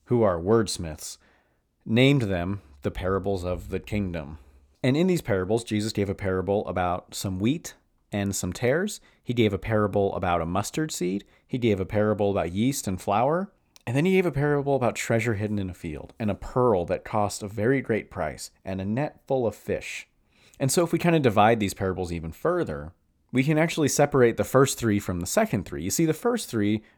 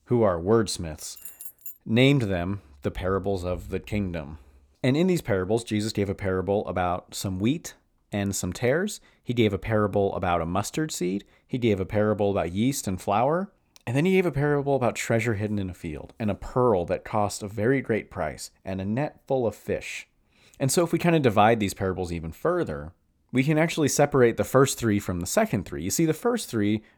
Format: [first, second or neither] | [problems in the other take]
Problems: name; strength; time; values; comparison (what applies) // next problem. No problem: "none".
first | jangling keys; faint; at 1 s; peak 10 dB below the speech